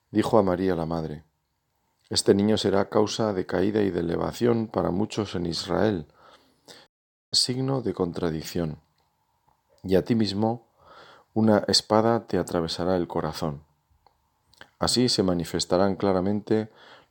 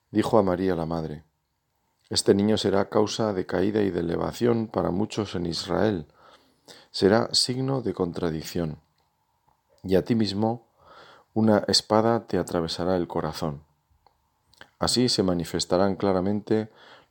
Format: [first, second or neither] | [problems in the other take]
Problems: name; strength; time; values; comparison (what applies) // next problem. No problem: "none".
second | audio cutting out; at 7 s